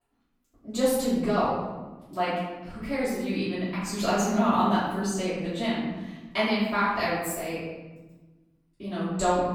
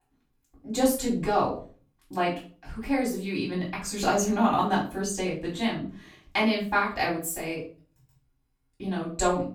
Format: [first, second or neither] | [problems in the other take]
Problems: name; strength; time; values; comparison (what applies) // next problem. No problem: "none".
second | room echo; strong; dies away in 1.2 s; slight in the second // off-mic speech; far; far in the second